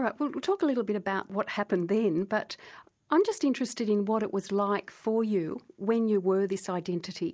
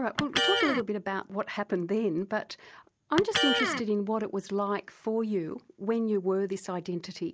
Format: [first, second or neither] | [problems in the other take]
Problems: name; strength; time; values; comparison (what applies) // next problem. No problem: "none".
first | background sound (Electric guitar); 4 dB below the speech